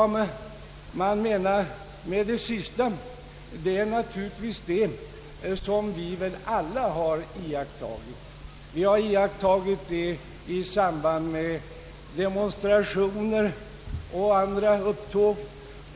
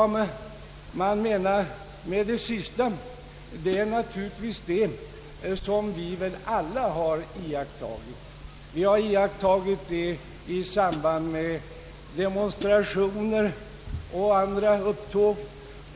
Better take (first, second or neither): first